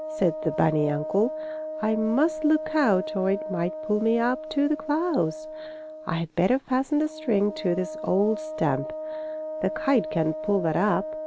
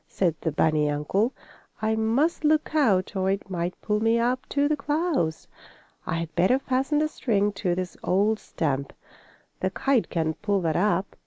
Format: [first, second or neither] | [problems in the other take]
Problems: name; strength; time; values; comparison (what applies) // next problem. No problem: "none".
second | background sound (Wind instrument, woodwind instrument); 9 dB below the speech